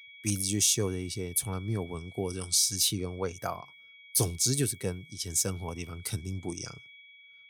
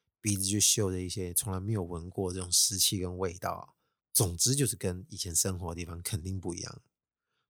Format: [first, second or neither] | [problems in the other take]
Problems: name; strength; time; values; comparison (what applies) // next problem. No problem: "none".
second | high-pitched whine; faint; throughout; 2.5 kHz, 20 dB below the speech